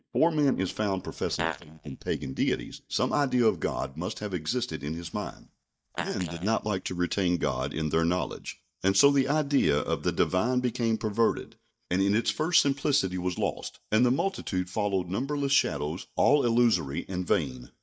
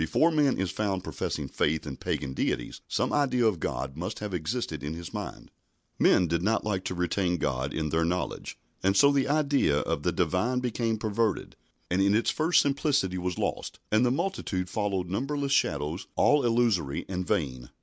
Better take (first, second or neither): second